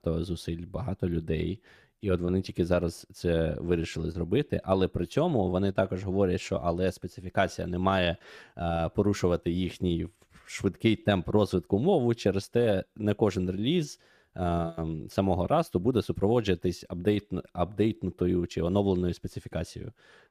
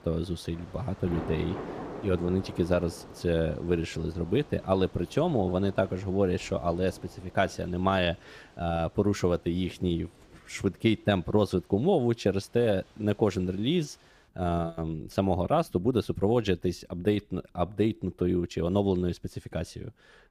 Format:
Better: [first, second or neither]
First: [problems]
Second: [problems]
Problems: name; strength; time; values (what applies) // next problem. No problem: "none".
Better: first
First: none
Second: rain or running water; noticeable; throughout; 15 dB below the speech